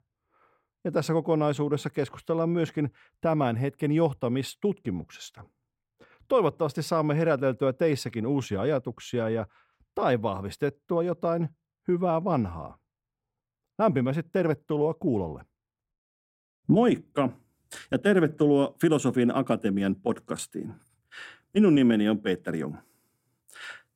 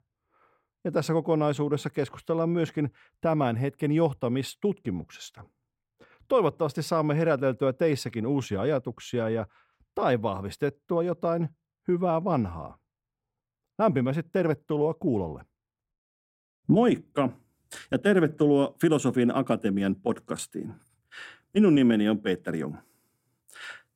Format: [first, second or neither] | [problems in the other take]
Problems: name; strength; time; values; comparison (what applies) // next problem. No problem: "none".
neither | muffled; slightly; fading above 2.5 kHz; the same in both